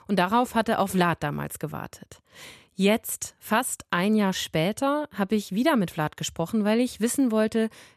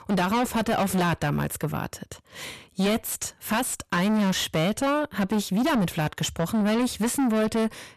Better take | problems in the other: first | distortion; heavy; 6 dB below the speech

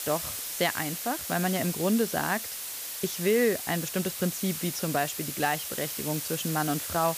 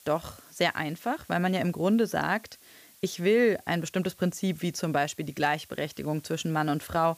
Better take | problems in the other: second | hiss; loud; throughout; 4 dB below the speech; faint in the second

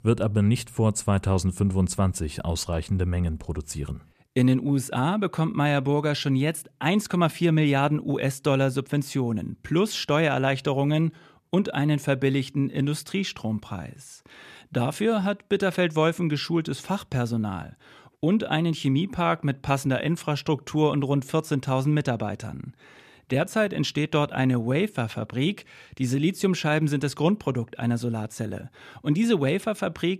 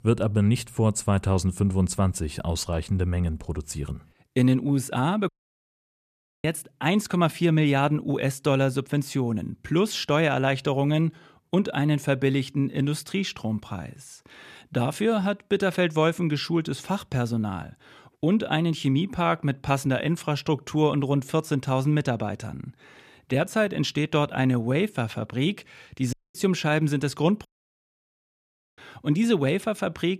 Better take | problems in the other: first | audio cutting out; at 5.5 s for 1 s, at 26 s and at 27 s for 1.5 s

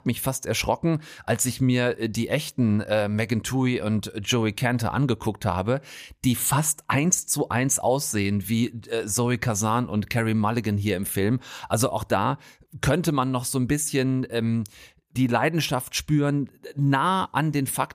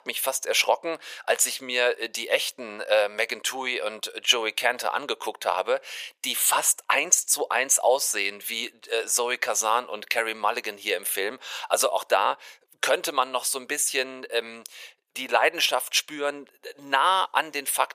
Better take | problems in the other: first | thin; very; fading below 500 Hz

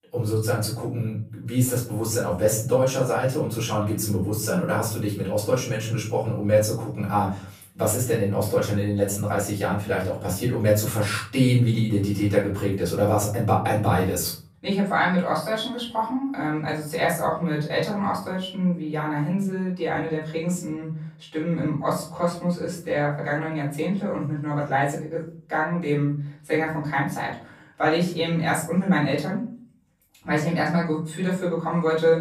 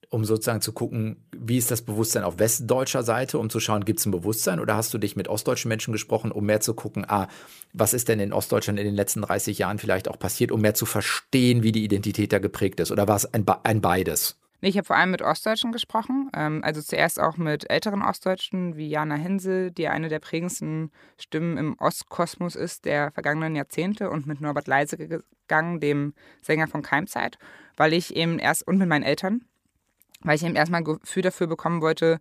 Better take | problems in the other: second | off-mic speech; far // room echo; noticeable; dies away in 0.5 s

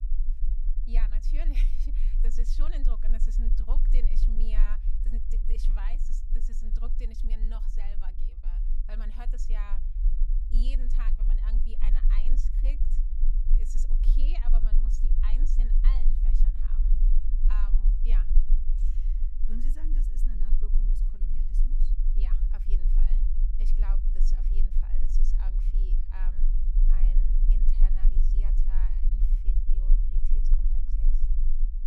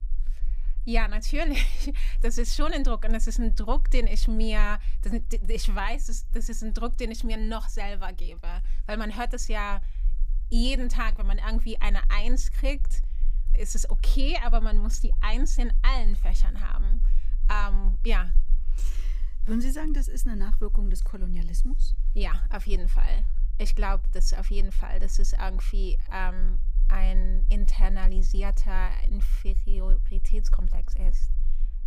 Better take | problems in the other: second | low rumble; loud; throughout; 5 dB below the speech; faint in the second

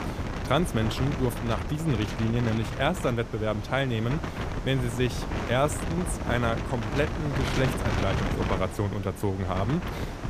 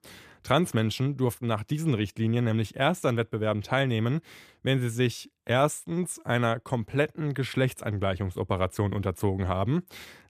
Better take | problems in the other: second | wind noise on the microphone; heavy; 5 dB below the speech

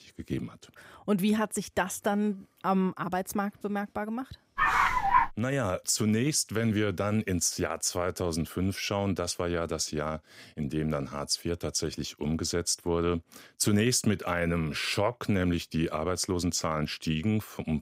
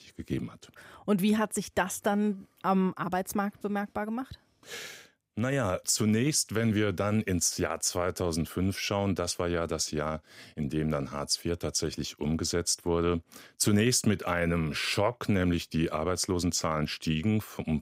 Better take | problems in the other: second | dog barking; loud; at 4.5 s; peak 6 dB above the speech

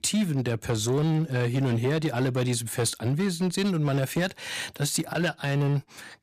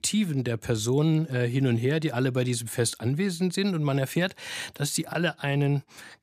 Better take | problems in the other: second | distortion; slight; 12% of the sound clipped

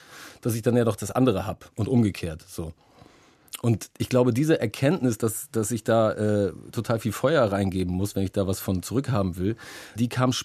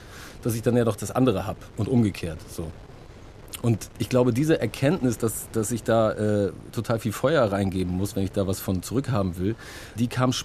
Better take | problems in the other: first | wind noise on the microphone; occasional gusts; 25 dB below the speech

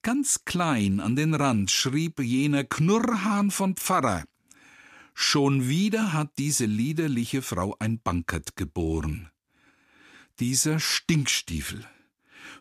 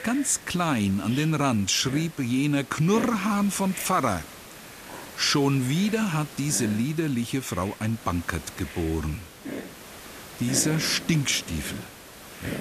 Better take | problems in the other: first | hiss; noticeable; throughout; 15 dB below the speech

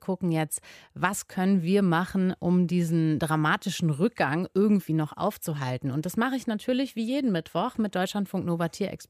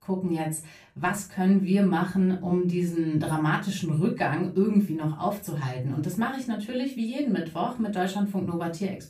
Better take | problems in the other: first | off-mic speech; far // room echo; slight; dies away in 0.3 s

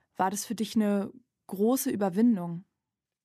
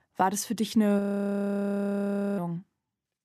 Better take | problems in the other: first | audio freezing; at 1 s for 1.5 s

